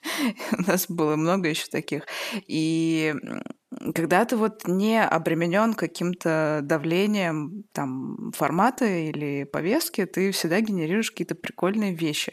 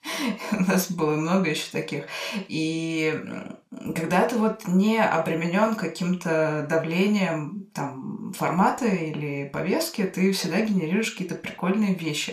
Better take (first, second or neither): first